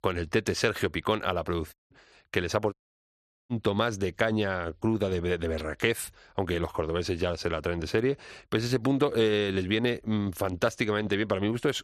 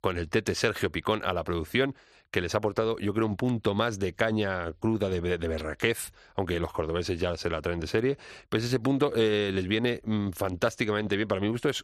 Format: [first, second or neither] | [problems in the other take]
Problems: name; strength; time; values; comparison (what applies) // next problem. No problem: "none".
second | audio cutting out; at 1.5 s and at 2.5 s for 1 s